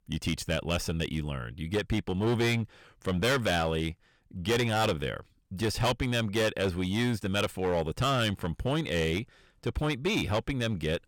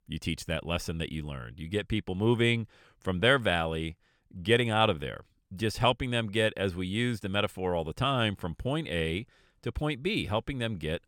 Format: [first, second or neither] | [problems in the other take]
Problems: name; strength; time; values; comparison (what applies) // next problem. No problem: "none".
second | distortion; heavy; 10% of the sound clipped